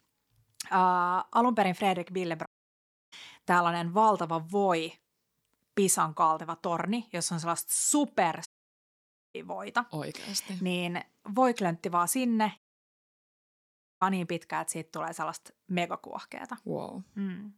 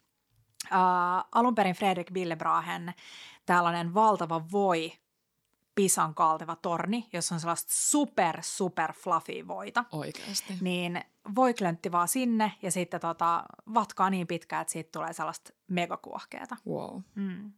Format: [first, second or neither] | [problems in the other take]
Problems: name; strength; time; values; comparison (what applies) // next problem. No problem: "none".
second | audio cutting out; at 2.5 s for 0.5 s, at 8.5 s for 1 s and at 13 s for 1.5 s